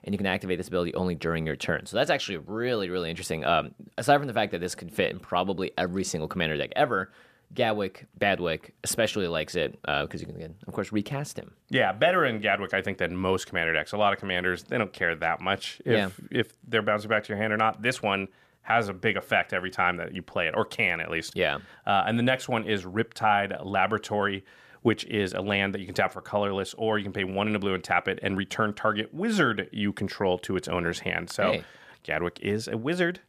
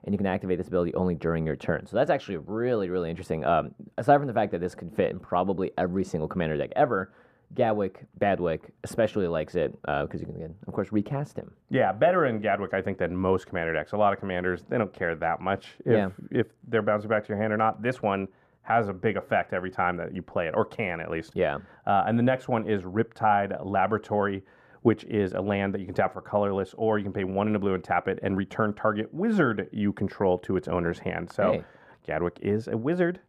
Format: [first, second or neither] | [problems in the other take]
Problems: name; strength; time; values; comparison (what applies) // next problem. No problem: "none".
first | muffled; very; fading above 2 kHz